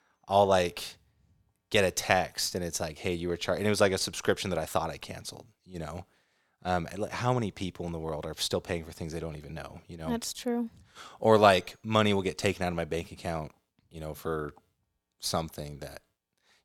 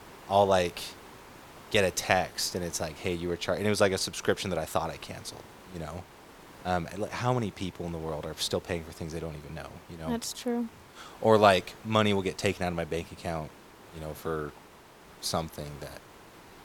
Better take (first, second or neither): first